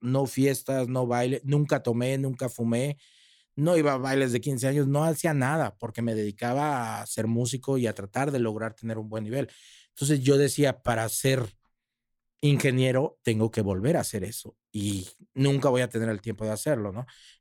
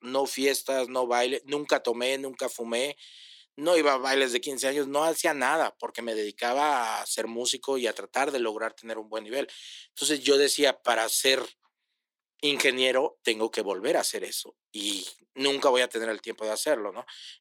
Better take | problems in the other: first | thin; somewhat; fading below 350 Hz

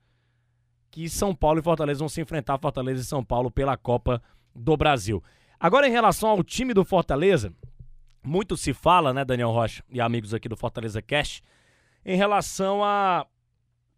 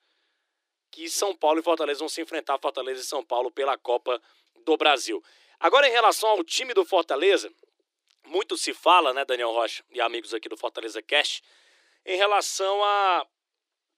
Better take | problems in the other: first | thin; very; fading below 300 Hz

